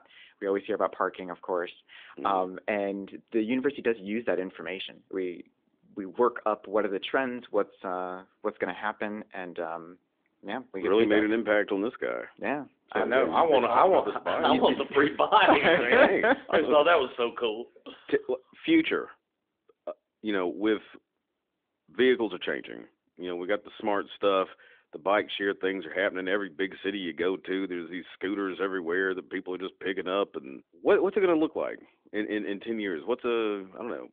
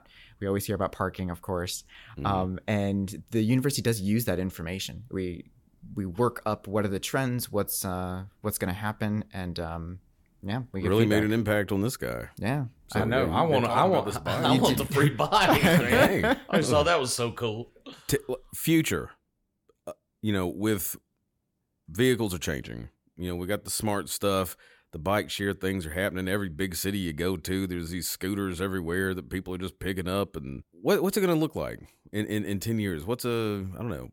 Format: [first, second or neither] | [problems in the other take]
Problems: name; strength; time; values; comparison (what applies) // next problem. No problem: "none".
second | phone-call audio; nothing above 3.5 kHz